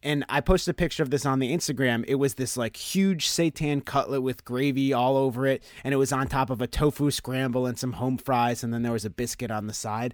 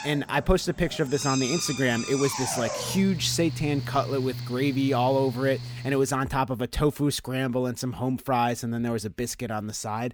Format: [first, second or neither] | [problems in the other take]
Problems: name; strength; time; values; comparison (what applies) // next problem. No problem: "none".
first | machinery noise; loud; until 6 s; 7 dB below the speech